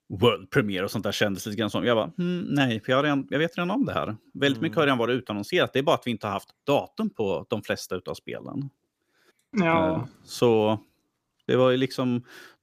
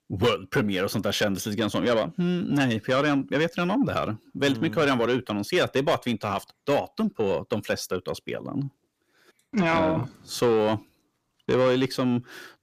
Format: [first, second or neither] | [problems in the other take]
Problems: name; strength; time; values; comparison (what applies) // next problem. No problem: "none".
first | distortion; slight; 10 dB below the speech